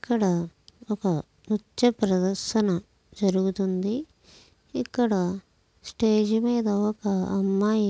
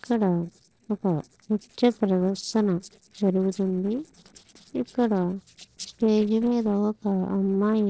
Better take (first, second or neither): first